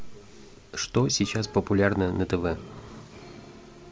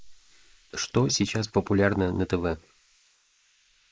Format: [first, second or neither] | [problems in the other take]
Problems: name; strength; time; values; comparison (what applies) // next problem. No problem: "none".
first | noise reduction (neural mask model Resemble Enhance denoiser)